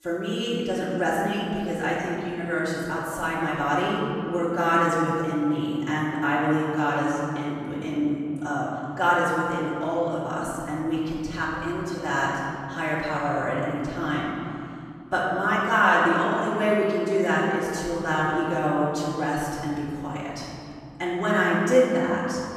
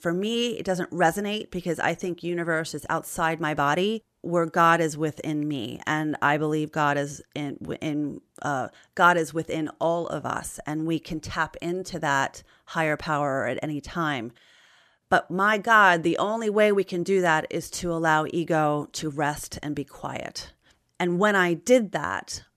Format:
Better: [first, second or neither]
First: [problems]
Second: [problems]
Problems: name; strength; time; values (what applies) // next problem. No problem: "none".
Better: second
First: off-mic speech; far // room echo; strong; dies away in 2.7 s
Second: none